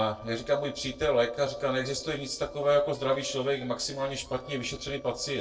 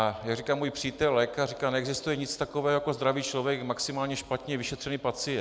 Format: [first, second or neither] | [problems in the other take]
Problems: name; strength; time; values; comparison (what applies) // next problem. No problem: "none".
second | noise reduction (neural separator model SepFormer DNS4)